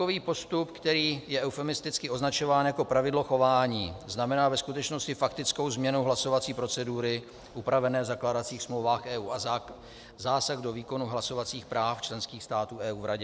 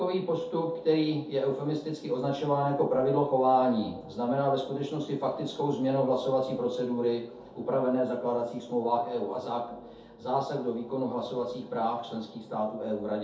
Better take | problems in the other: first | room echo; dies away in 0.5 s

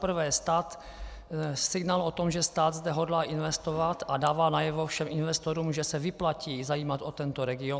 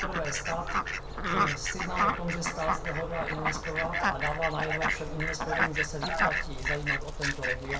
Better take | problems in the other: first | background sound (Fowl); 4 dB above the speech // room echo; dies away in 0.6 s

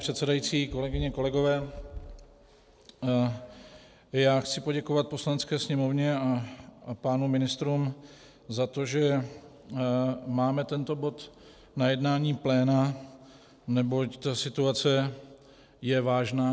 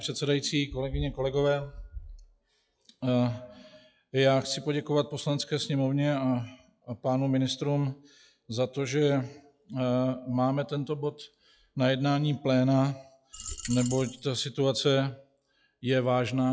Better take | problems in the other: first | noise reduction (classical method log-MMSE)

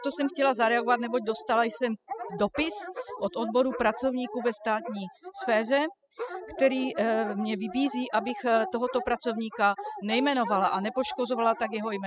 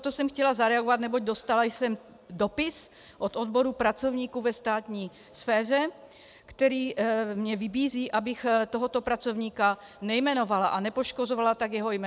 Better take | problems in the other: second | noise reduction (classical method spectral subtraction)

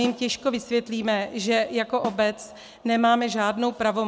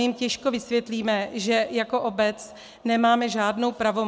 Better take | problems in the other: second | background sound (Snare drum); 20 dB below the speech

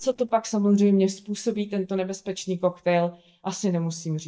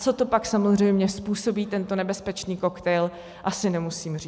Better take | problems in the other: second | noise reduction (neural mask model DeepFilterNet 3)

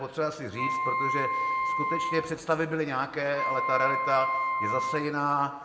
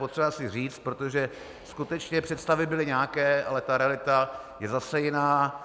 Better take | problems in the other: second | background sound (Wind instrument, woodwind instrument); as loud as the speech // room echo; dies away in 1 s

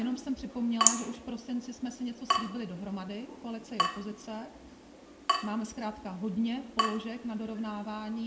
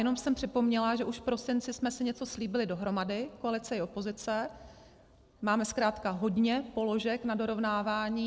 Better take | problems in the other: second | background sound (Drip / Water tap, faucet); 1 dB above the speech // room echo; dies away in 0.6 s

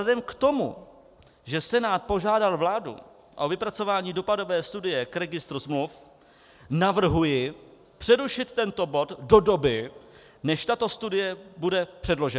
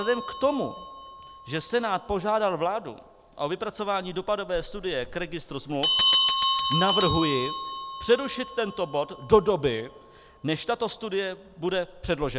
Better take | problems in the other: first | background sound (Bell); 4 dB below the speech

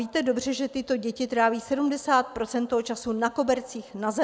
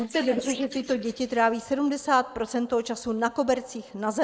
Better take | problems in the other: first | noise reduction (neural mask model Resemble Enhance denoiser)

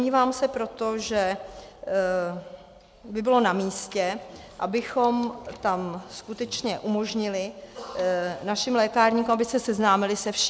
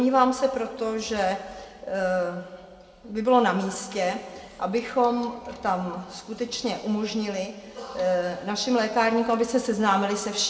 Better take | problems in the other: first | room echo; dies away in 1.6 s

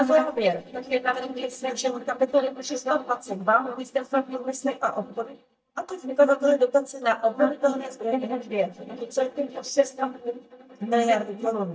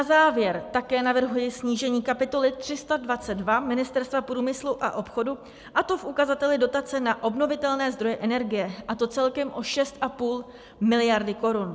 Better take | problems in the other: second | noise reduction (neural mask model DeepFilterNet 3)

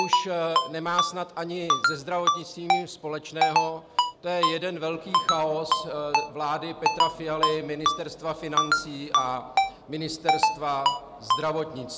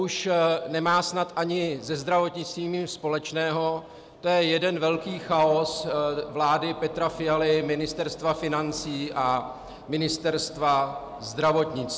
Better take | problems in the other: second | background sound (Ringtone); 3 dB above the speech

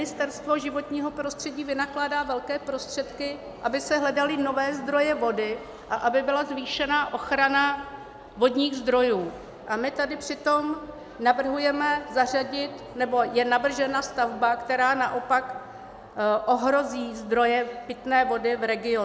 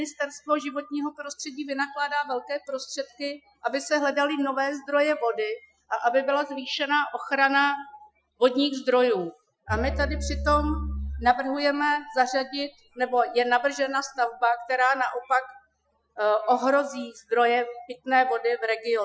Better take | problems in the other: first | noise reduction (classical method Wiener filter)

